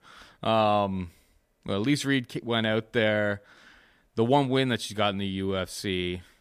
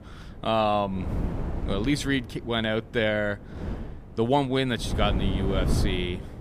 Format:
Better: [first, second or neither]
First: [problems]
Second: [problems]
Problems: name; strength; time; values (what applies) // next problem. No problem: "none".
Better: first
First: none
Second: wind noise on the microphone; occasional gusts; 10 dB below the speech